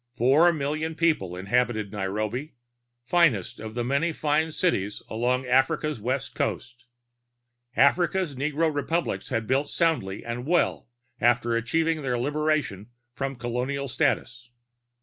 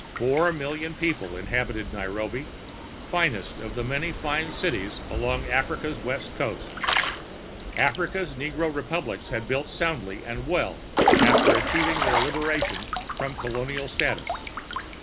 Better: first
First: none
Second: background sound (Drip / Trickle, dribble / Water / Splash, splatter); as loud as the speech

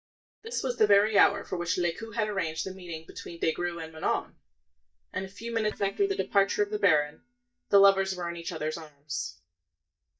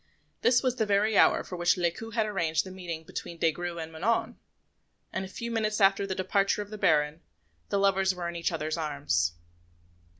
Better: second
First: noise reduction (neural mask model DeepFilterNet 3)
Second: none

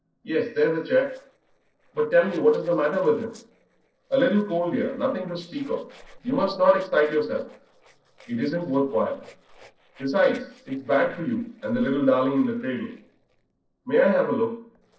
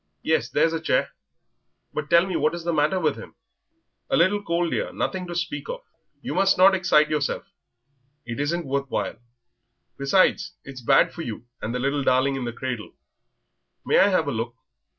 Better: second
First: noise reduction (neural separator model SepFormer DNS4)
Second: none

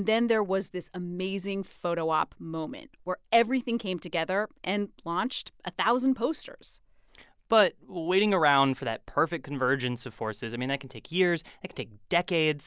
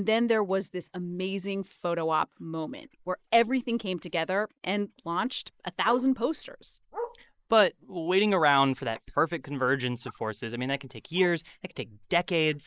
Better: first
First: none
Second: noise reduction (neural mask model Resemble Enhance denoiser)

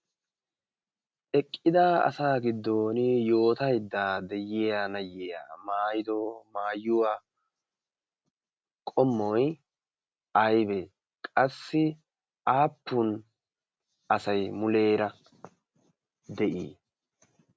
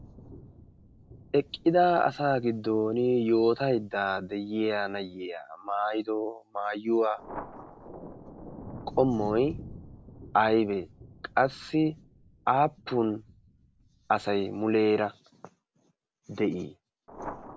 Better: first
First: none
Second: background sound (Thunder); 19 dB below the speech

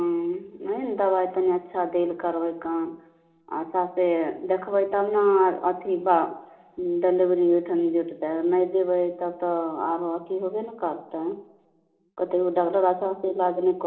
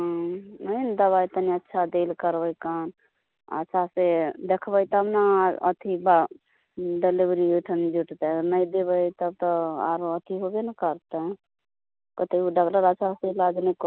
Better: second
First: room echo; dies away in 1.2 s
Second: none

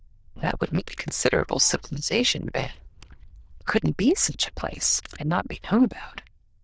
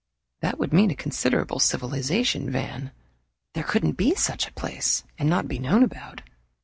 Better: second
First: noise reduction (neural diffusion model UNIVERSE++)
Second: none

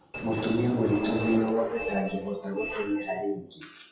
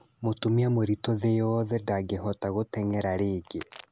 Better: second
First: noise reduction (classical method WPE with log-MMSE)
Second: none

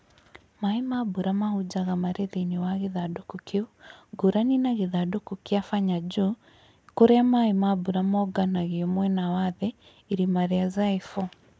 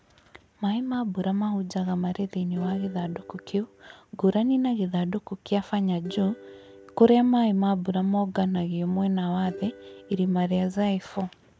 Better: first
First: none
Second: background sound (Plucked string instrument); 19 dB below the speech

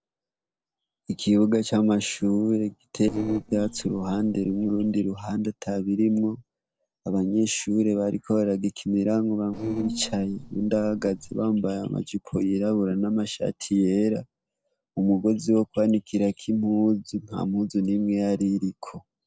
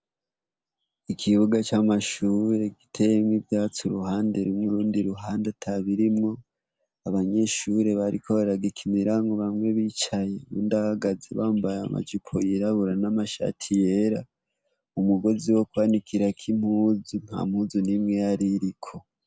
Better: second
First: noise reduction (neural separator model SepFormer DNS4)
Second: none

